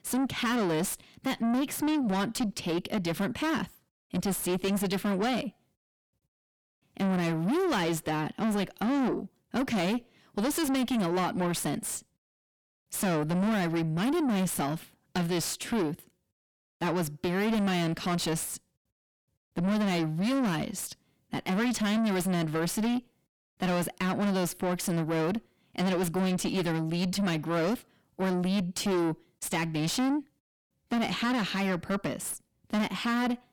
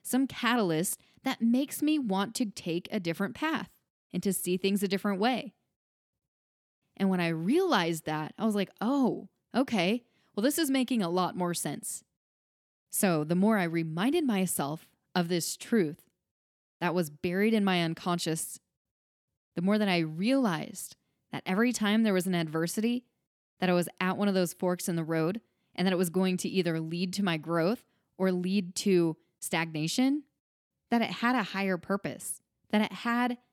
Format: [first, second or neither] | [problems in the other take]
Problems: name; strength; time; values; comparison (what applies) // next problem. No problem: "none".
second | distortion; heavy; 6 dB below the speech